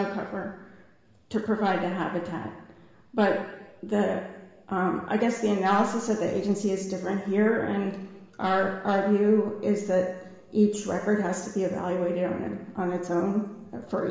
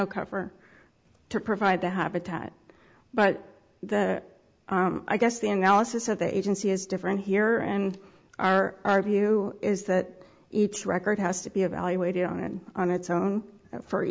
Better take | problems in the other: second | room echo; dies away in 1.3 s

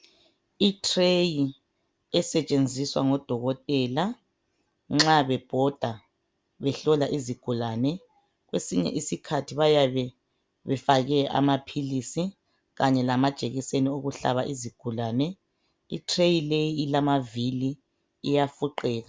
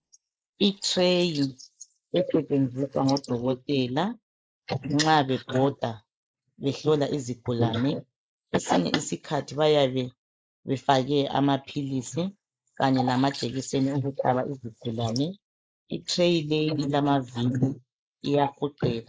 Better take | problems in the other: first | noise reduction (neural mask model Resemble Enhance denoiser)

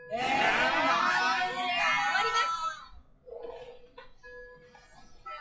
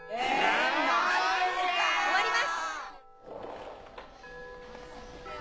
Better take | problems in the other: second | noise reduction (classical method WPE with log-MMSE)

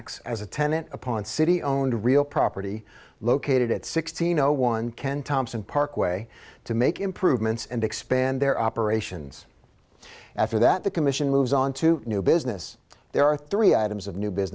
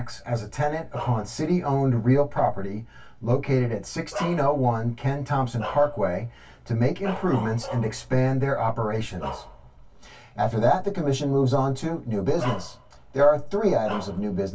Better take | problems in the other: first | background sound (Bark); 16 dB below the speech // room echo; dies away in 0.1 s

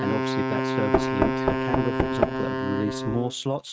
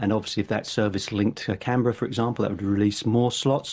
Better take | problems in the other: second | noise reduction (neural mask model RNNoise)

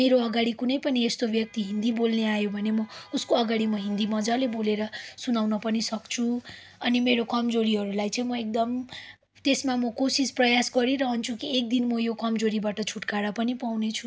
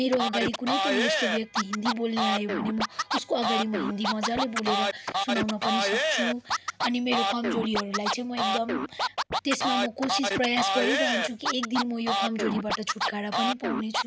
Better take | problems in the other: first | background sound (Scratching (performance technique)); 1 dB above the speech

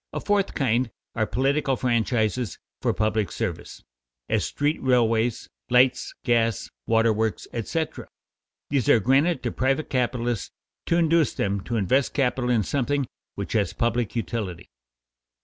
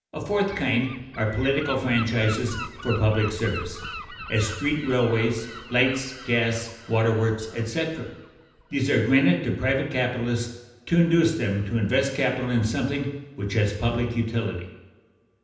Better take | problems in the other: first | background sound (Gull, seagull); 16 dB below the speech // room echo; dies away in 0.9 s

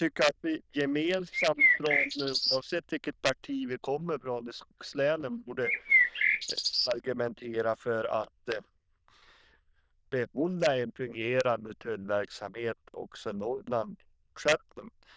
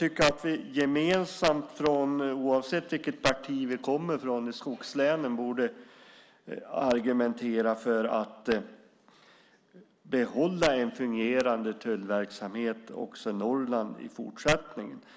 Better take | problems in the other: second | noise reduction (neural diffusion model UNIVERSE++)

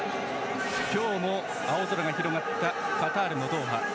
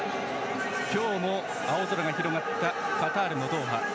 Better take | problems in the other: second | background sound (Fire); 10 dB below the speech

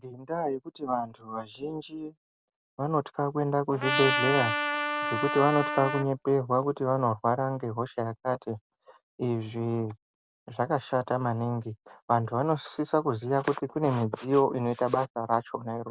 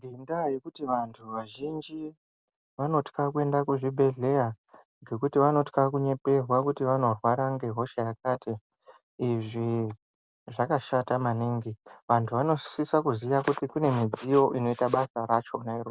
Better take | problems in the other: second | background sound (Trumpet); 1 dB below the speech

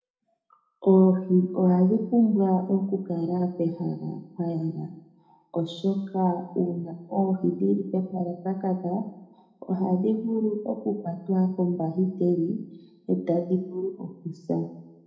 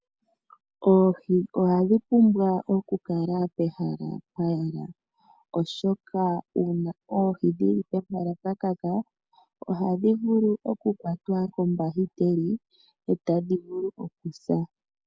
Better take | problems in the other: second | room echo; dies away in 0.9 s

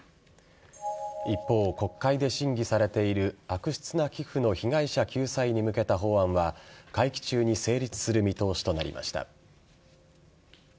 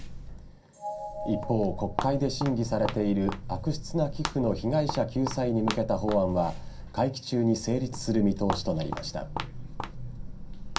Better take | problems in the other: first | background sound (Walk, footsteps); 7 dB below the speech // room echo; dies away in 0.3 s

